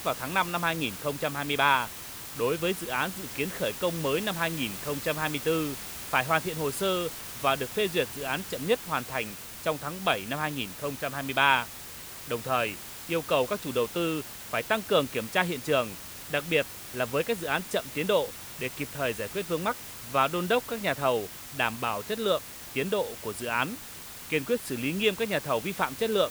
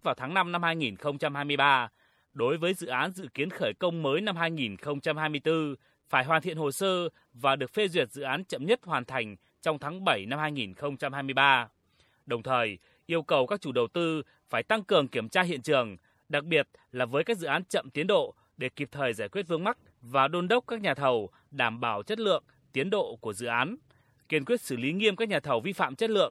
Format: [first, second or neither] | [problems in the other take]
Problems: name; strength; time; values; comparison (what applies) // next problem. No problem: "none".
second | hiss; loud; throughout; 9 dB below the speech